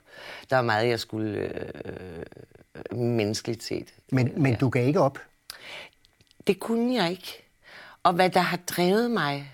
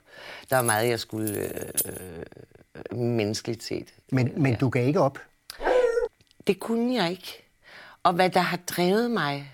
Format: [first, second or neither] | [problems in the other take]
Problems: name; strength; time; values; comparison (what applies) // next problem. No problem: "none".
first | jangling keys; noticeable; from 0.5 to 2 s; peak 2 dB below the speech // dog barking; loud; at 5.5 s; peak 3 dB above the speech